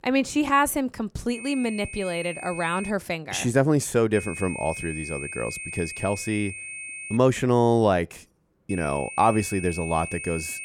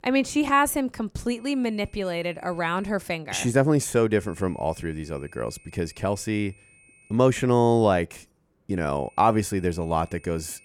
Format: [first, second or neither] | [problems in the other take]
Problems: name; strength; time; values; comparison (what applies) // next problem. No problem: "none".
second | high-pitched whine; loud; from 1.5 to 3 s, from 4 to 7 s and from 8.5 s on; 2.5 kHz, 10 dB below the speech; faint in the second